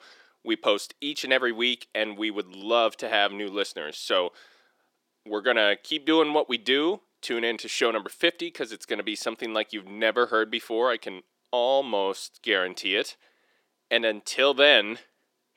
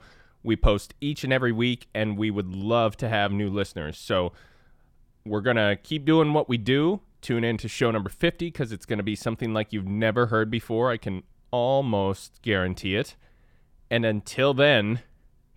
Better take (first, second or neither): second